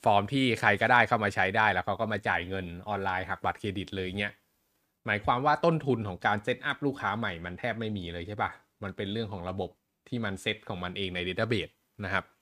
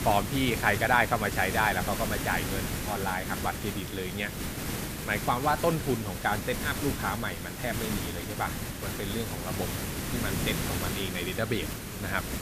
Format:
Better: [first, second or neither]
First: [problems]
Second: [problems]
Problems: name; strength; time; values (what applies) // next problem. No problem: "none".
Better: first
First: none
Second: hiss; loud; throughout; 3 dB below the speech